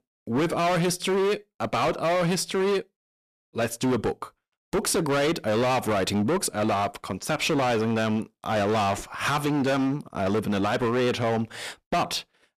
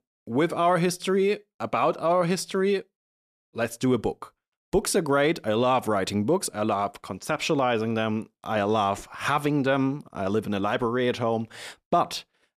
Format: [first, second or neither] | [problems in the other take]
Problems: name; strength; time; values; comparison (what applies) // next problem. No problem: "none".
second | distortion; heavy; 22% of the sound clipped